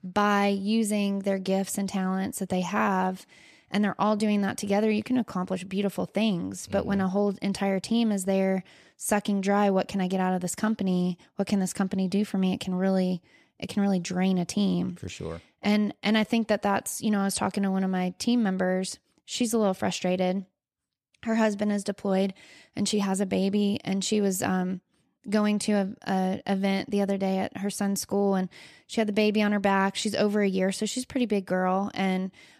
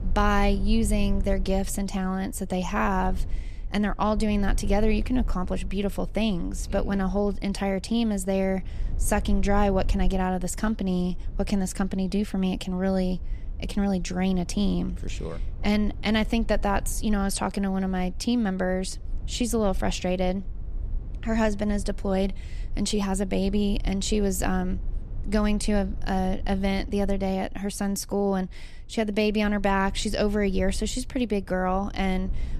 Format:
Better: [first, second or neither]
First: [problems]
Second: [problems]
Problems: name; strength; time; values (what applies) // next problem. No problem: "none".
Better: first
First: none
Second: low rumble; faint; throughout; 25 dB below the speech